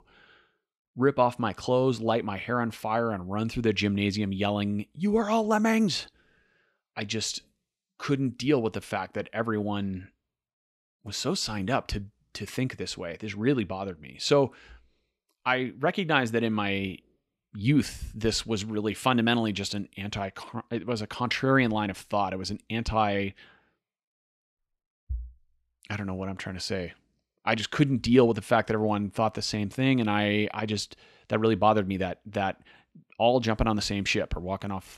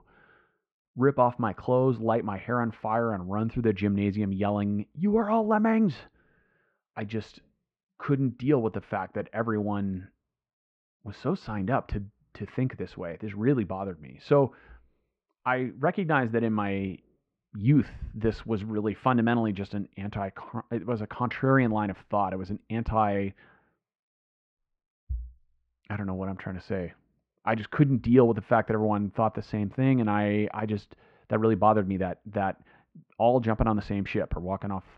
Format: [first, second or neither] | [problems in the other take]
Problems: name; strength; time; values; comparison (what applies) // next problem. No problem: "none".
first | muffled; very; fading above 1.5 kHz